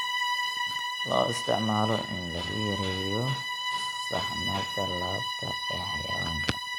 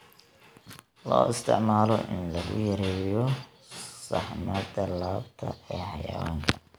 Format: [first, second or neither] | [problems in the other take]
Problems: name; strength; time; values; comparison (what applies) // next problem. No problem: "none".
second | background sound (Bowed string instrument); as loud as the speech